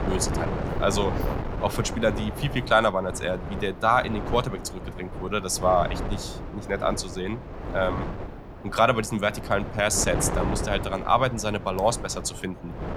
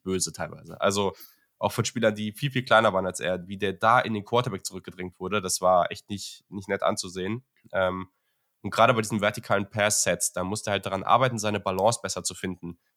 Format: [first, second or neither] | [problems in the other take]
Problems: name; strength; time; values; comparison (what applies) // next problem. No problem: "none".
second | wind noise on the microphone; occasional gusts; 10 dB below the speech